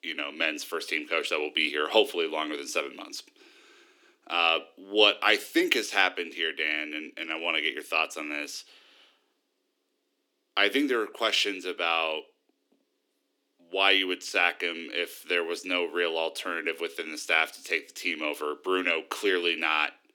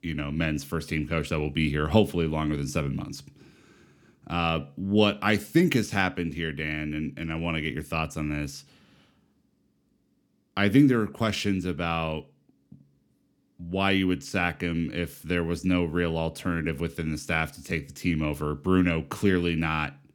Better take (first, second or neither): second